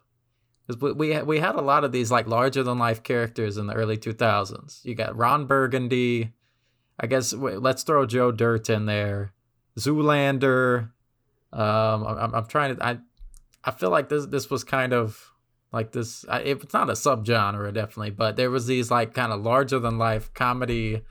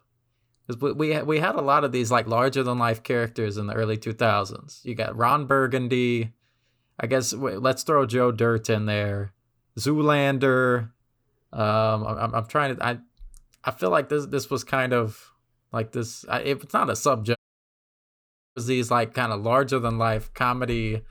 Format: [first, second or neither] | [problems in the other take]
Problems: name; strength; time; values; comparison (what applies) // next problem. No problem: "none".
first | audio cutting out; at 17 s for 1 s